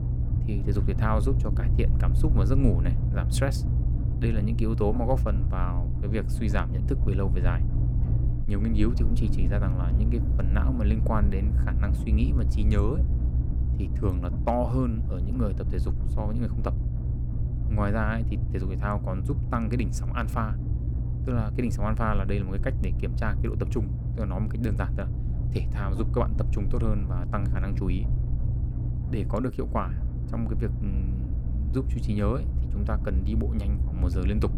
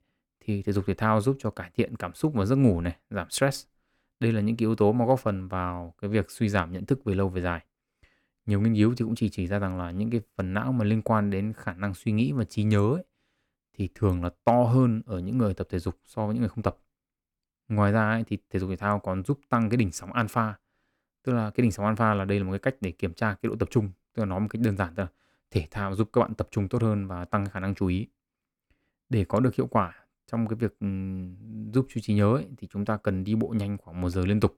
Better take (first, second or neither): second